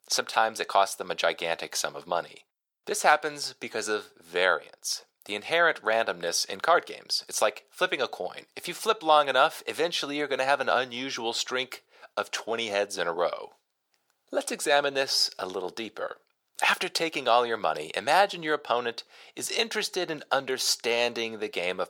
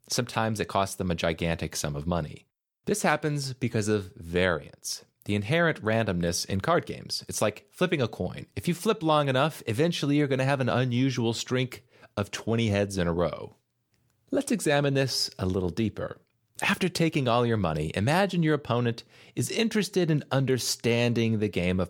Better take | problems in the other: second | thin; very; fading below 600 Hz

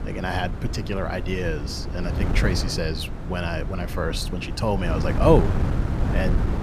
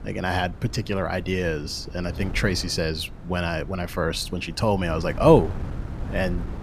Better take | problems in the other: second | wind noise on the microphone; heavy; 8 dB below the speech; occasional gusts in the second

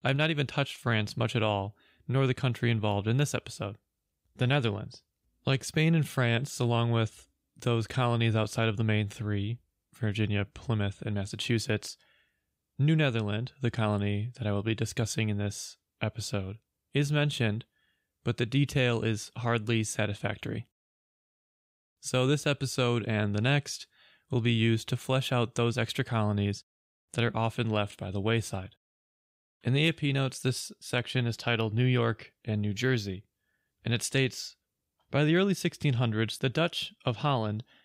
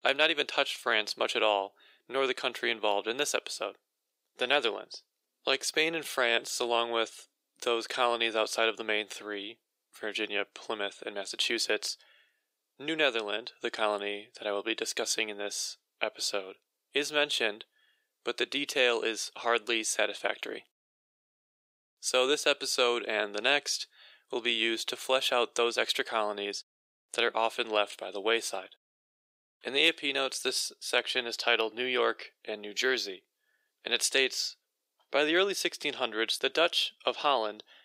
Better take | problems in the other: first | thin; very; fading below 400 Hz

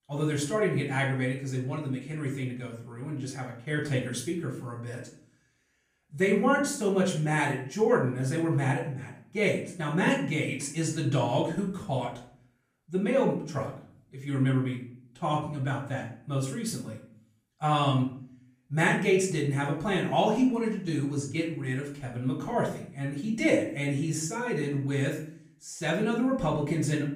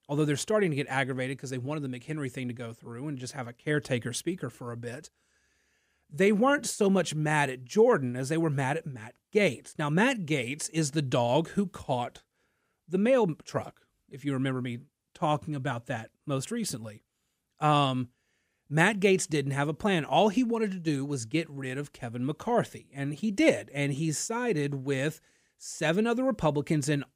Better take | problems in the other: second | off-mic speech; far // room echo; slight; dies away in 0.5 s

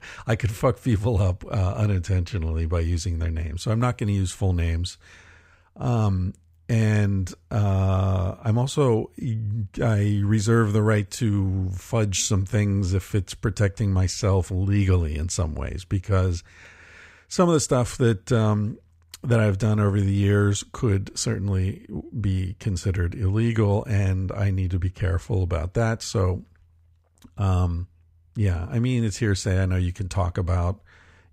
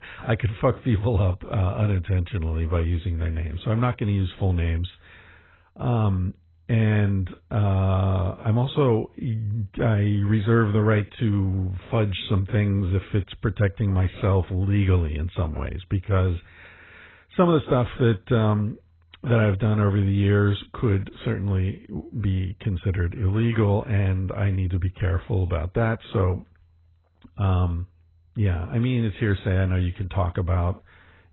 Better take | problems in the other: first | garbled, watery; badly; nothing above 4 kHz

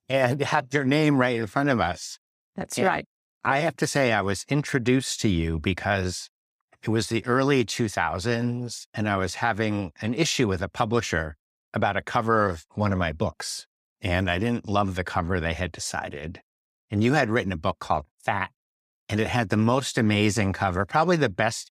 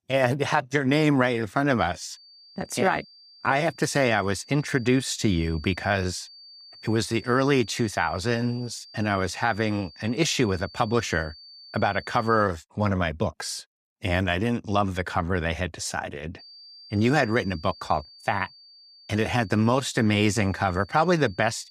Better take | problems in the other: first | high-pitched whine; faint; from 2 to 12 s and from 16 s on; 4.5 kHz, 20 dB below the speech

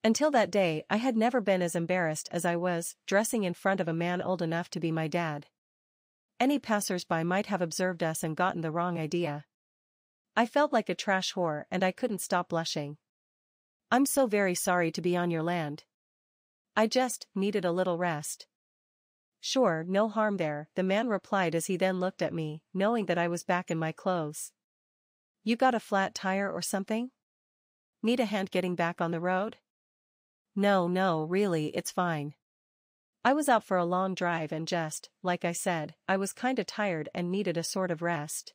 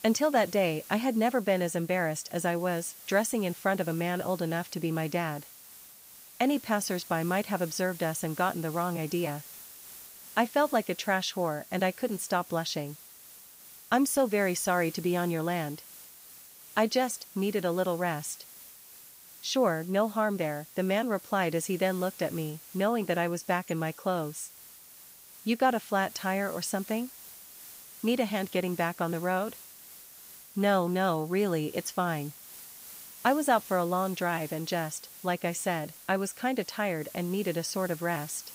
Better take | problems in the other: first | hiss; noticeable; throughout; 15 dB below the speech

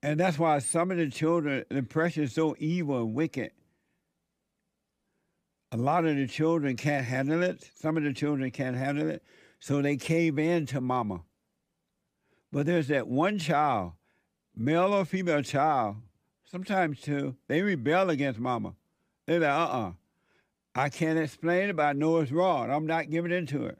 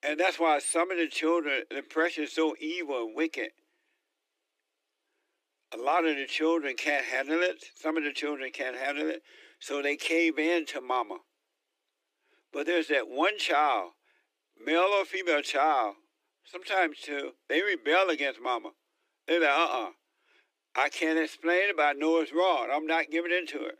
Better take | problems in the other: first | thin; very; fading below 300 Hz

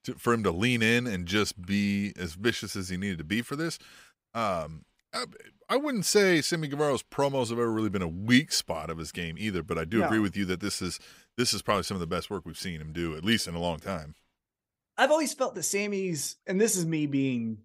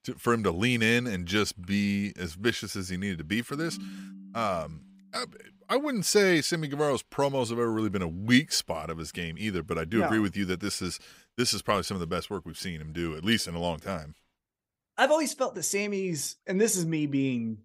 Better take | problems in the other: first | phone ringing; faint; from 3.5 to 5 s; peak 15 dB below the speech

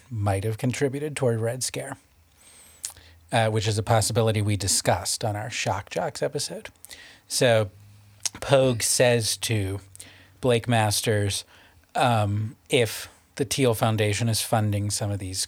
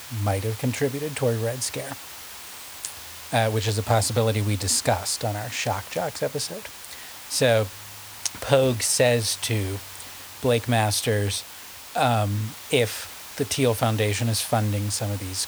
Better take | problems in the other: first | hiss; noticeable; throughout; 15 dB below the speech

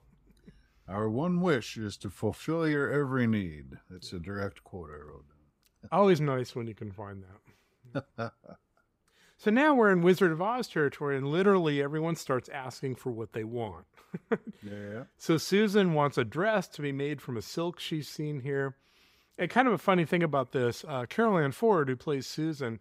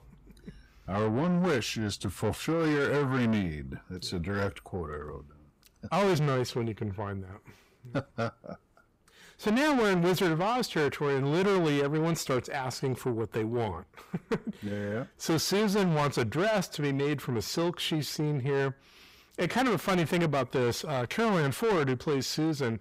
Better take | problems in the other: first | distortion; heavy; 6 dB below the speech

